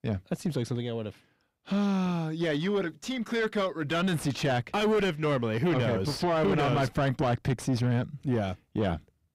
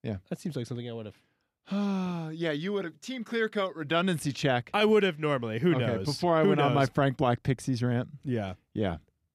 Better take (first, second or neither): second